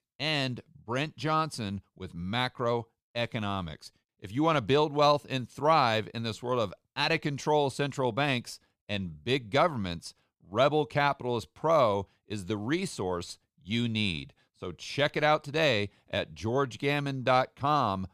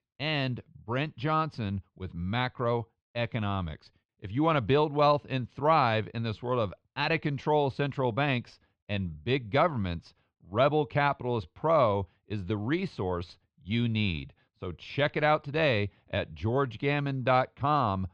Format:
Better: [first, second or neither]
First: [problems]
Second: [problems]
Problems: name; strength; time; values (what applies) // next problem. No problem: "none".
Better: first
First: none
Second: muffled; very slightly; fading above 3.5 kHz